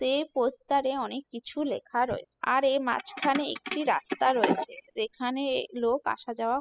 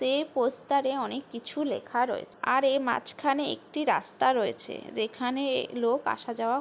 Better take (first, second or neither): second